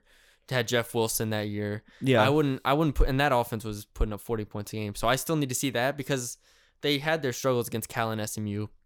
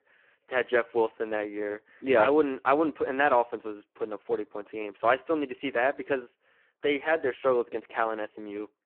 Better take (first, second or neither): first